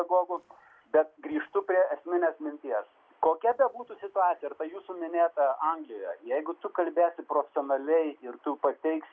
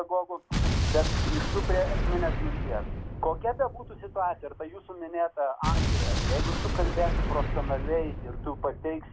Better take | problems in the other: first | background sound (Explosion); 3 dB above the speech

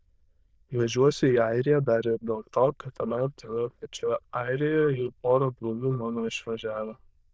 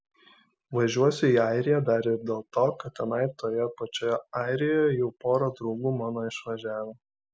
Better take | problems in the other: second | noise reduction (neural diffusion model UNIVERSE++)

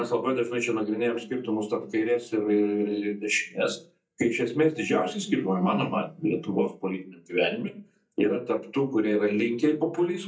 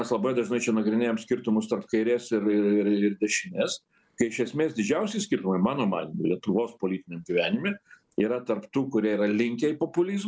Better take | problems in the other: second | noise reduction (neural mask model DeepFilterNet 3)

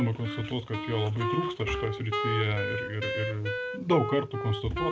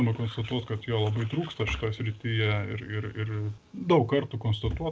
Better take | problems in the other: second | background sound (Wind instrument, woodwind instrument); 4 dB below the speech

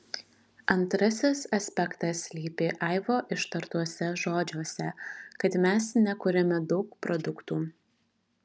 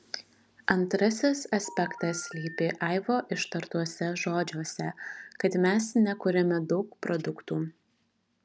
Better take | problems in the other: first | background sound (Telephone); 16 dB below the speech

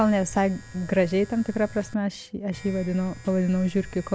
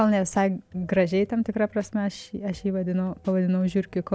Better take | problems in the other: second | background sound (Domestic sounds, home sounds); 18 dB below the speech

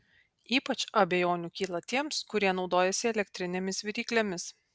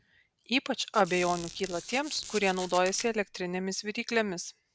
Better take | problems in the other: first | background sound (Squeak); 13 dB below the speech

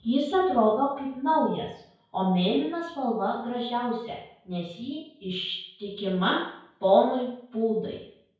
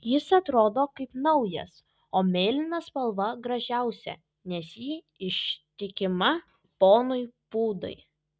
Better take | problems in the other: second | room echo; dies away in 0.5 s

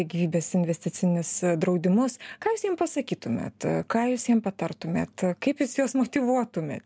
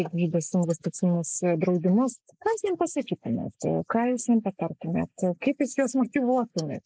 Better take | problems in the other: first | noise reduction (neural mask model Resemble Enhance denoiser)

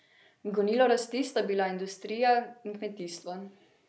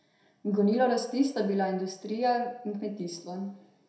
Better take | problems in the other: first | room echo; dies away in 0.6 s

